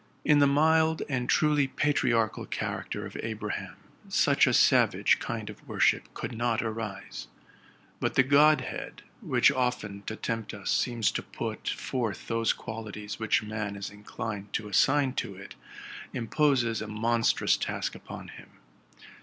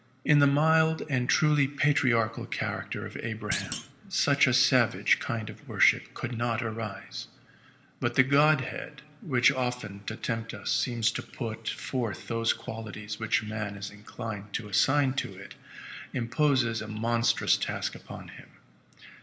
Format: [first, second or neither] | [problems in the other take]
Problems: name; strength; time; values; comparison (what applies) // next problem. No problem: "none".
first | background sound (Thump, thud); 11 dB below the speech // room echo; dies away in 1 s